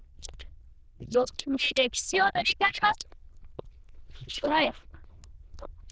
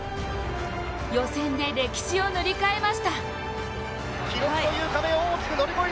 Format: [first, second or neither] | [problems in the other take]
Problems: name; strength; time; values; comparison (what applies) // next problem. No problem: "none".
second | noise reduction (neural diffusion model UNIVERSE++)